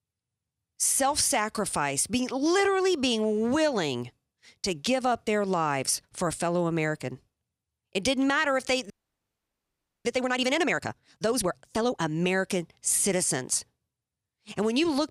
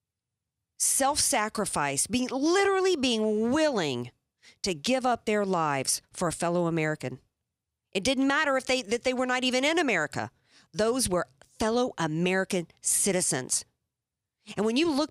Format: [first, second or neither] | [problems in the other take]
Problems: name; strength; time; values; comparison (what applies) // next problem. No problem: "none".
second | audio freezing; at 9 s for 1 s